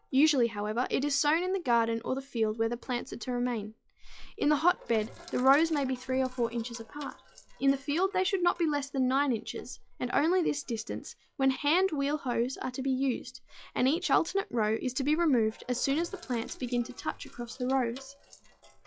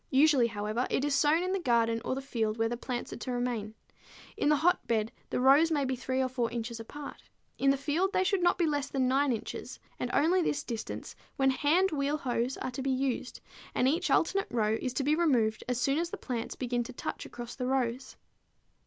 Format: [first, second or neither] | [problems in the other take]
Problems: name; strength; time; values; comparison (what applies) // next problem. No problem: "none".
second | noise reduction (classical method log-MMSE)